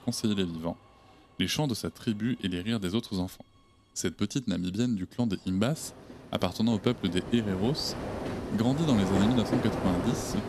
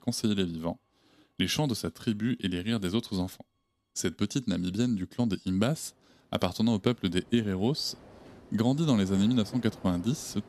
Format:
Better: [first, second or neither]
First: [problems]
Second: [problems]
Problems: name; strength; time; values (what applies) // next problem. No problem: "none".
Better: second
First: train or aircraft noise; loud; throughout; 5 dB below the speech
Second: train or aircraft noise; faint; throughout; 20 dB below the speech